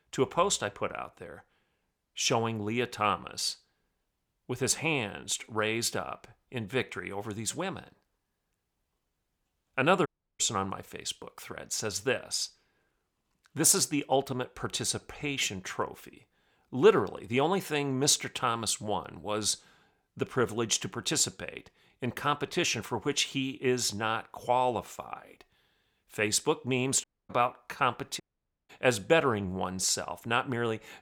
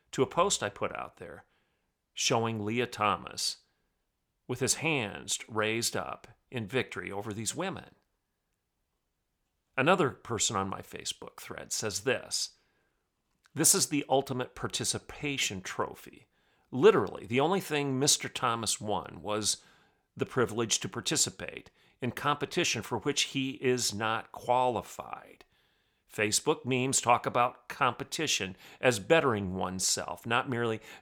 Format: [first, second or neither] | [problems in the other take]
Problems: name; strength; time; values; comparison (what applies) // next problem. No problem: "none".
second | audio cutting out; at 10 s, at 27 s and at 28 s